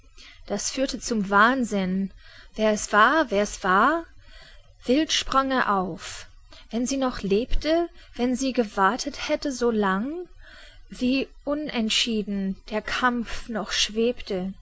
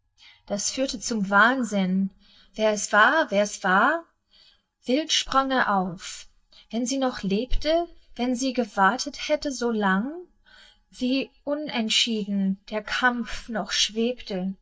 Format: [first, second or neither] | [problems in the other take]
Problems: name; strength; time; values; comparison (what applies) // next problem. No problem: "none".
first | noise reduction (neural mask model DeepFilterNet 3)